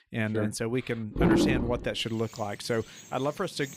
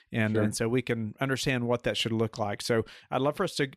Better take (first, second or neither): second